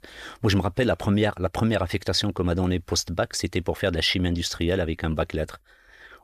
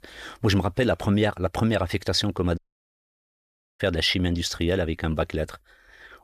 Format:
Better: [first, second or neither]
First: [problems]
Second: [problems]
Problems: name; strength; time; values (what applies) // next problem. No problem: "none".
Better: first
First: none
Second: audio cutting out; at 2.5 s for 1 s